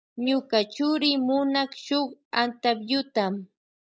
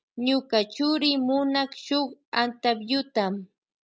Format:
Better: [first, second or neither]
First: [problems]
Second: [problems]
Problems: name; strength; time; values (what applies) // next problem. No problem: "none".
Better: second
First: noise reduction (neural mask model DeepFilterNet 3)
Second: none